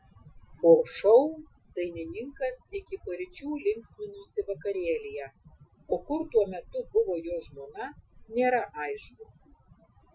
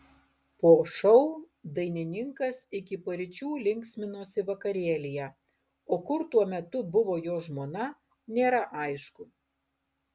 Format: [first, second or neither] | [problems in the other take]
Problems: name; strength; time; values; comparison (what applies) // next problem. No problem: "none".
second | noise reduction (classical method Wiener filter)